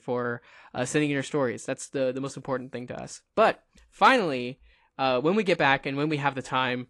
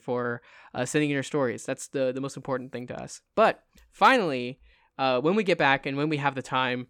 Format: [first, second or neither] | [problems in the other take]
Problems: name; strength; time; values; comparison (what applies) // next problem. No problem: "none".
second | garbled, watery; slightly